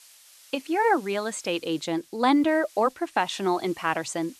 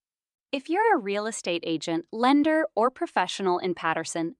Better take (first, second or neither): second